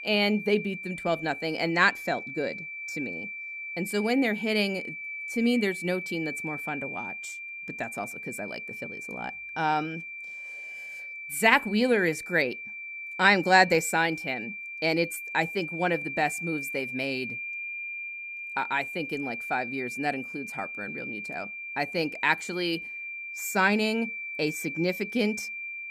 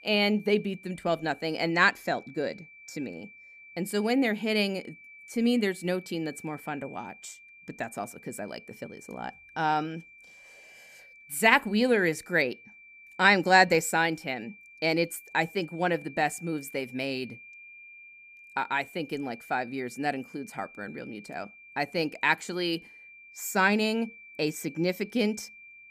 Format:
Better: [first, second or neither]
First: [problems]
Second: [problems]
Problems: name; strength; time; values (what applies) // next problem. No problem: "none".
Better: second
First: high-pitched whine; loud; throughout; 2.5 kHz, 8 dB below the speech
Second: high-pitched whine; faint; throughout; 2.5 kHz, 20 dB below the speech